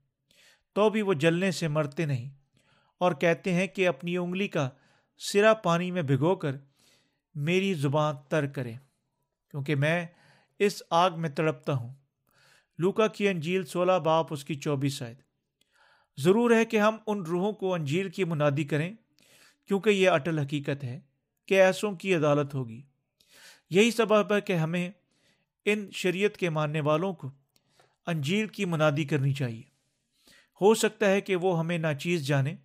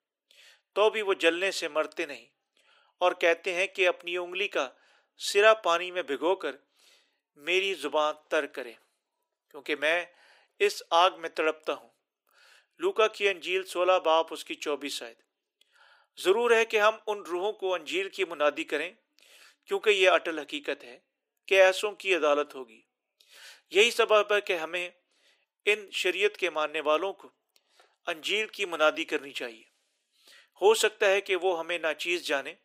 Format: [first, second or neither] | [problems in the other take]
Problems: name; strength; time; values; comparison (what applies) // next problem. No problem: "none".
first | thin; very; fading below 350 Hz